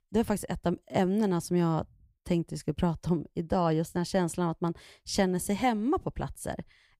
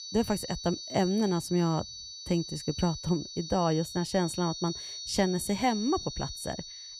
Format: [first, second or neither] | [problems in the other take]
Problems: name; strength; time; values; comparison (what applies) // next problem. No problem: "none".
first | high-pitched whine; loud; throughout; 4.5 kHz, 9 dB below the speech